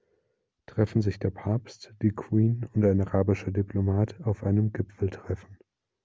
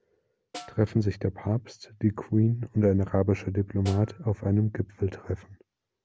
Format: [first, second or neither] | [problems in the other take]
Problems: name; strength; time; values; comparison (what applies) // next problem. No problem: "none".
first | background sound (Snare drum); 20 dB below the speech